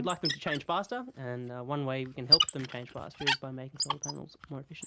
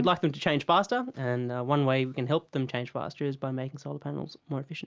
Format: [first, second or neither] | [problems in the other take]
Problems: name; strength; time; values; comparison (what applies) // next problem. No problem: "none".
second | noise reduction (neural mask model Resemble Enhance denoiser)